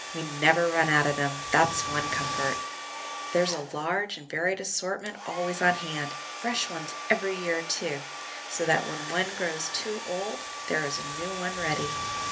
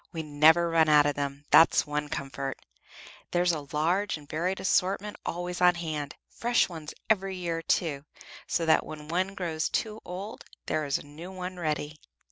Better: second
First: background sound (Domestic sounds, home sounds); 7 dB below the speech // room echo; dies away in 0.3 s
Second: none

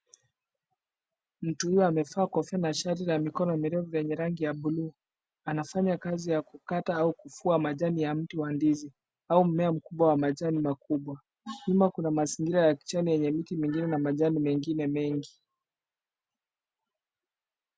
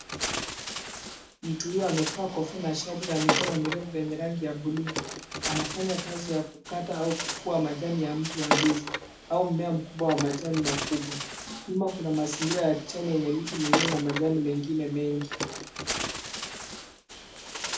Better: first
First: none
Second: background sound (Bird); 4 dB below the speech // room echo; dies away in 0.4 s

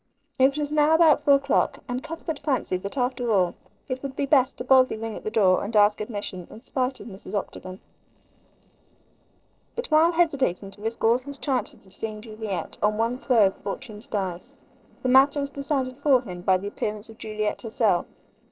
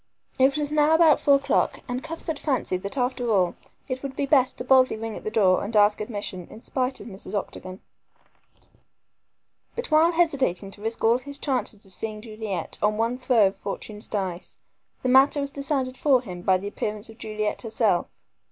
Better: second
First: noise reduction (neural separator model SepFormer DNS4)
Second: none

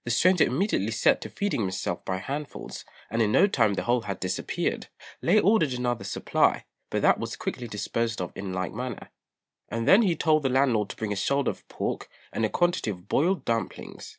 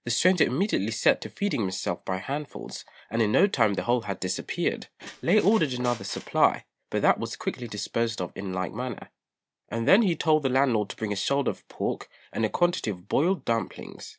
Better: first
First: none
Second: background sound (Squeak); 17 dB below the speech

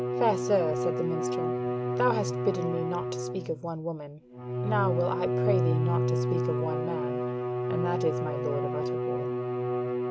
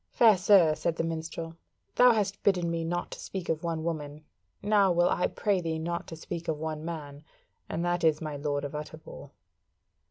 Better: second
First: background sound (Bowed string instrument); 3 dB above the speech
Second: none

